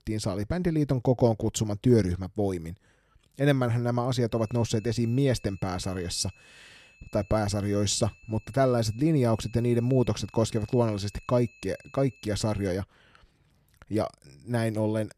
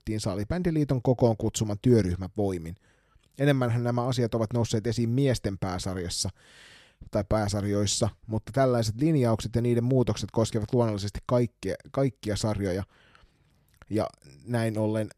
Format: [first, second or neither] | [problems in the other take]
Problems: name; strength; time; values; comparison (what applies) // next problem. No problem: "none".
second | high-pitched whine; faint; from 4.5 to 13 s; 2.5 kHz, 25 dB below the speech